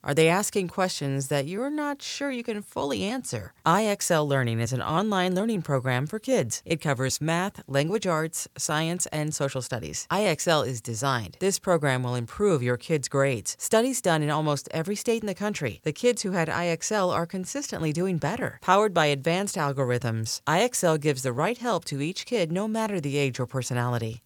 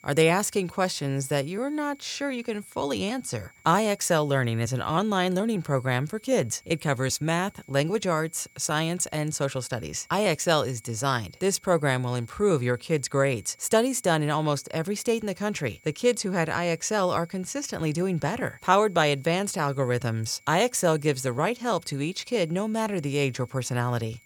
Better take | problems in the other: first | high-pitched whine; faint; throughout; 2 kHz, 30 dB below the speech

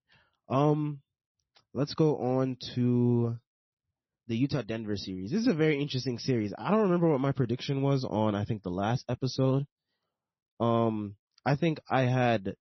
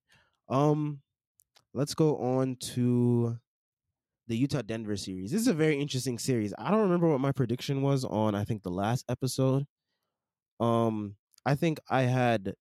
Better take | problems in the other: second | garbled, watery; slightly; nothing above 6 kHz

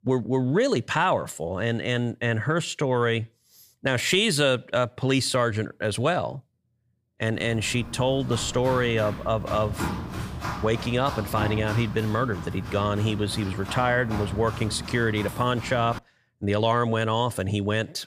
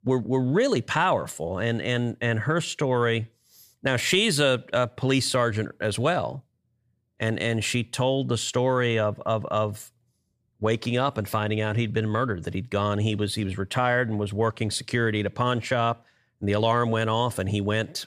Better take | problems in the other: second | footsteps; noticeable; from 7.5 to 16 s; peak 5 dB below the speech

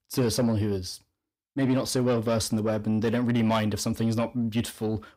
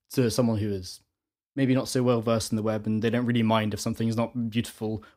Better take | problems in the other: second | distortion; slight; 10 dB below the speech

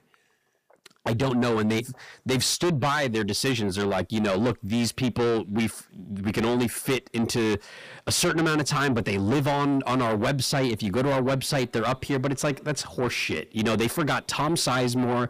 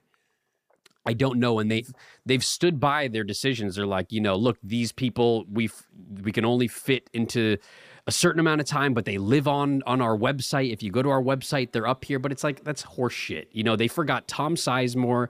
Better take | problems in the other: second | distortion; heavy; 7 dB below the speech

